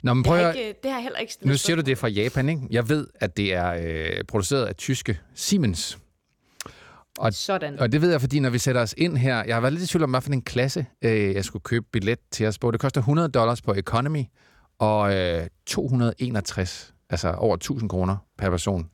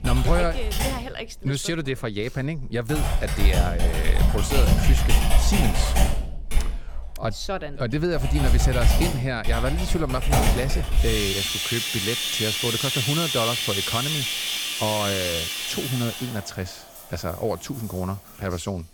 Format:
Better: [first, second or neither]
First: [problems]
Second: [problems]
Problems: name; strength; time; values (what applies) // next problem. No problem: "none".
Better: first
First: none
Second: household noises; very loud; throughout; 4 dB above the speech